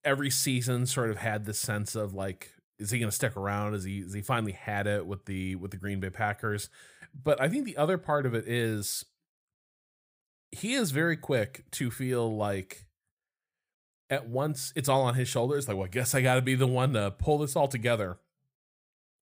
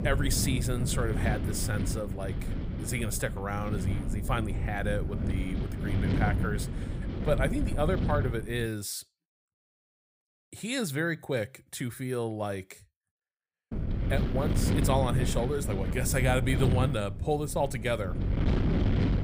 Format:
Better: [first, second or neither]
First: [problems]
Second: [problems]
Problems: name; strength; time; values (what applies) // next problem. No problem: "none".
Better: first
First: none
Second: wind noise on the microphone; heavy; until 8.5 s and from 14 s on; 7 dB below the speech